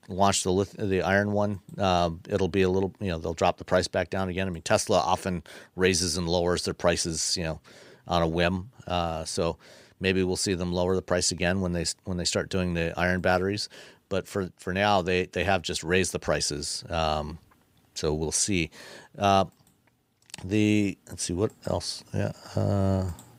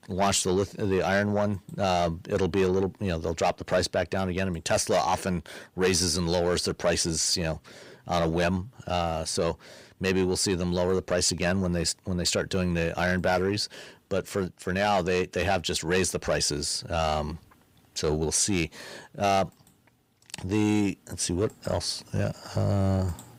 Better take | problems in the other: first | distortion; slight; 10 dB below the speech

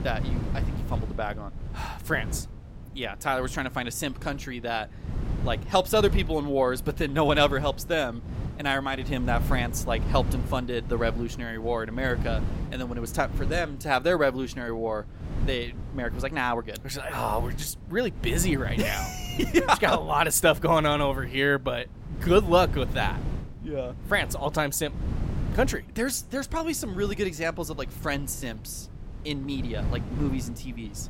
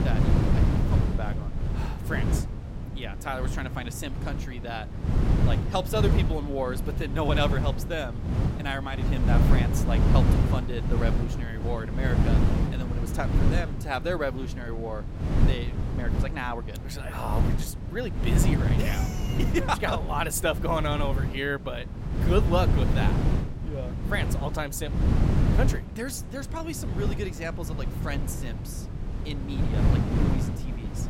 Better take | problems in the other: first | wind noise on the microphone; heavy; 4 dB below the speech; occasional gusts in the first

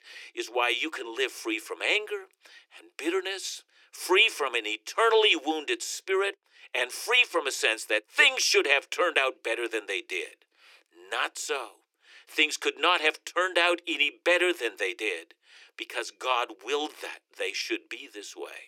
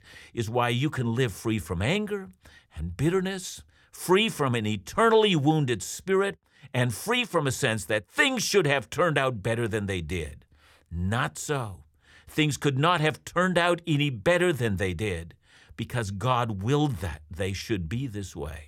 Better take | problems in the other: second | thin; very; fading below 350 Hz

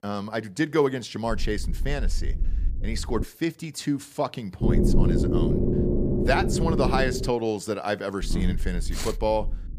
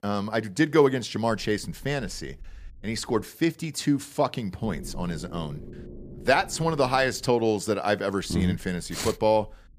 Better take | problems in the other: second | low rumble; loud; from 1.5 to 3 s, from 4.5 to 7.5 s and from 8 s on; 1 dB below the speech; faint in the second

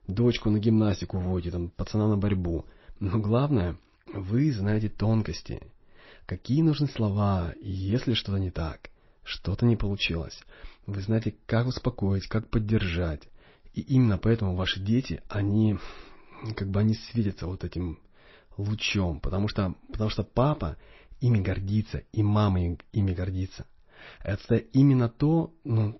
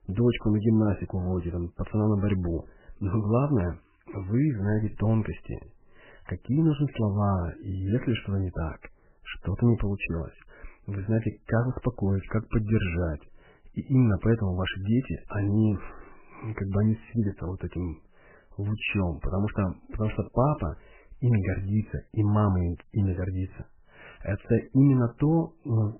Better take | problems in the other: first | garbled, watery; badly; nothing above 3 kHz; slightly in the first

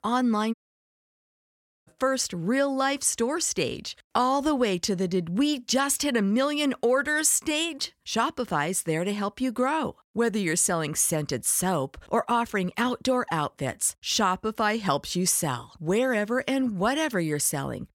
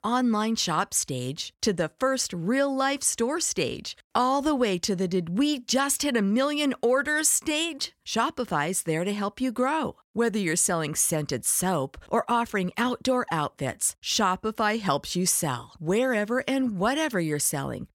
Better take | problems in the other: second | audio cutting out; at 0.5 s for 1.5 s

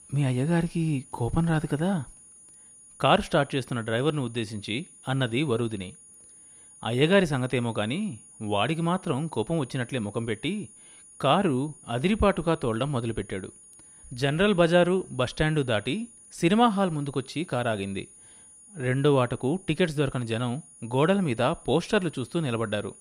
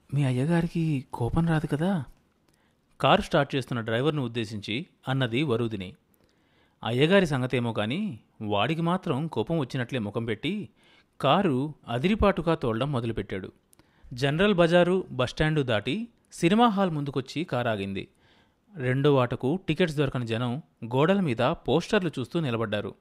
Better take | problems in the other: second | high-pitched whine; faint; throughout; 9.5 kHz, 20 dB below the speech

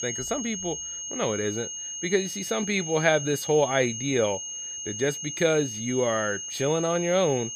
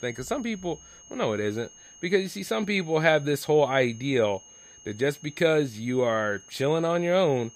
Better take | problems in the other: second | high-pitched whine; loud; throughout; 6.5 kHz, 6 dB below the speech; faint in the second

